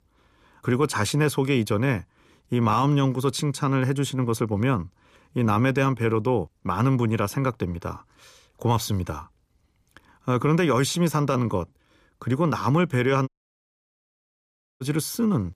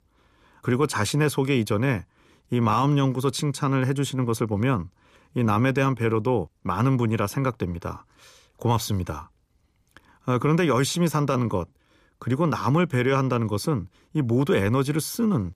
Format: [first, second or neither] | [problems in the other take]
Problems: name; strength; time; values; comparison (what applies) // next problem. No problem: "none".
second | audio cutting out; at 13 s for 1.5 s